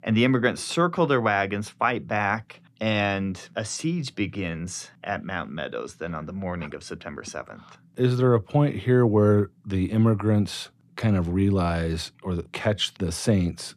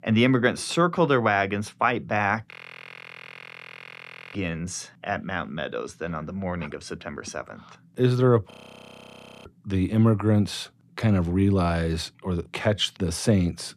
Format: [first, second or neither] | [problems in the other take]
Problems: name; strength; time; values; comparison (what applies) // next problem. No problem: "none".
first | audio freezing; at 2.5 s for 2 s and at 8.5 s for 1 s